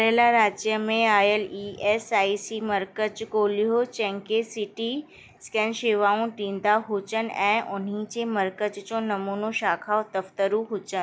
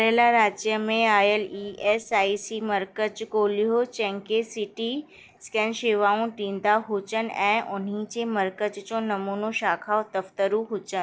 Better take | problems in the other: first | noise reduction (neural separator model SepFormer DNS4)

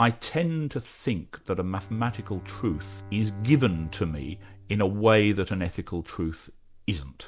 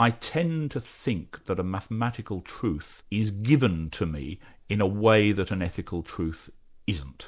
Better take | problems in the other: second | background sound (Bowed string instrument); 19 dB below the speech

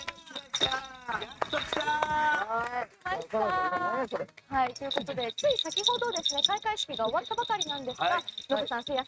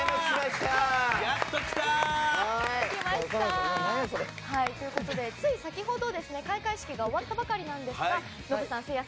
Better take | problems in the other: second | noise reduction (neural mask model RNNoise)

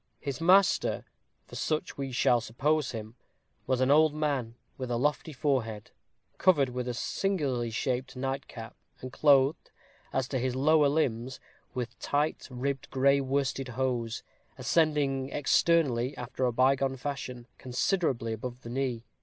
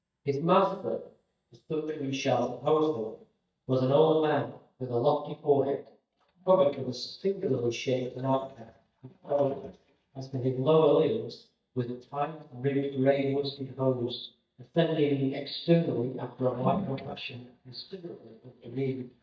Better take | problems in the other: first | noise reduction (neural mask model DeepFilterNet 3)

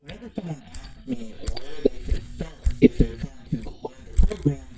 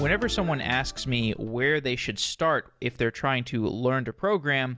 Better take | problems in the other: second | noise reduction (neural mask model DeepFilterNet 3)

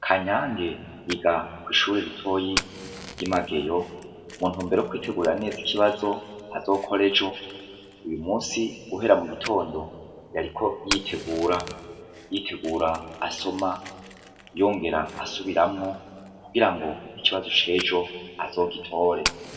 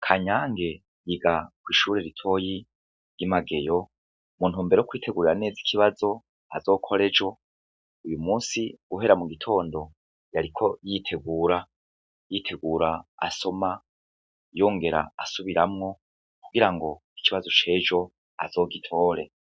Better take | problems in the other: second | background sound (Fire); 14 dB below the speech // room echo; dies away in 1.8 s

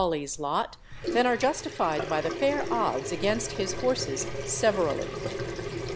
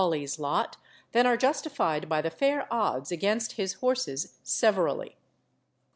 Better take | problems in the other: second | background sound (Sink (filling or washing) / Water tap, faucet); 6 dB below the speech

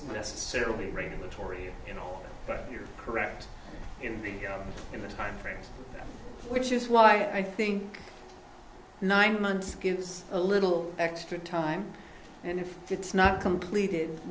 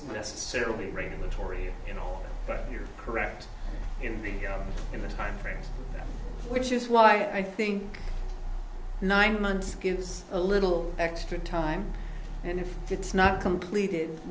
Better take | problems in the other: first | background sound (Growling); 6 dB below the speech

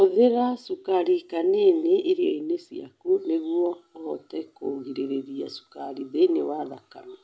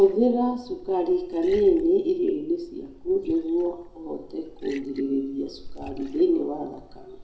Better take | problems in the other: first | background sound (Liquid); 18 dB below the speech // room echo; dies away in 0.5 s

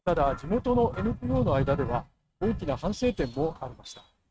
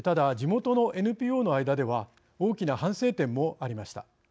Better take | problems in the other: second | noise reduction (neural mask model RNNoise)

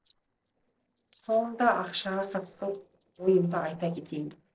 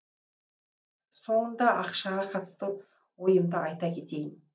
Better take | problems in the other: second | noise reduction (neural separator model SepFormer DNS4)

